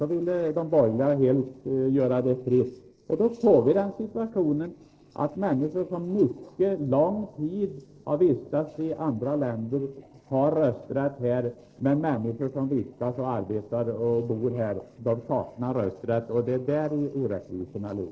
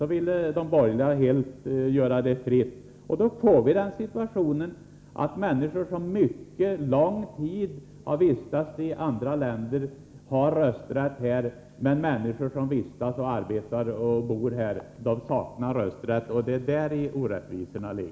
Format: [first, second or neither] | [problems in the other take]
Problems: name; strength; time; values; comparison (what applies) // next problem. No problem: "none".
second | noise reduction (neural separator model SepFormer DNS4)